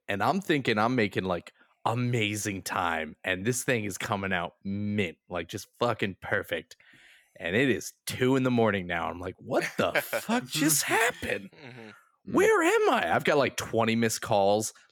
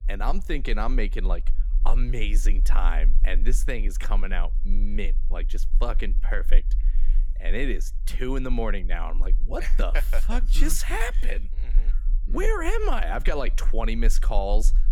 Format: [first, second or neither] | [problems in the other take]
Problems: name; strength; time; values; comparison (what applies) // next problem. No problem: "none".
first | low rumble; faint; throughout; 25 dB below the speech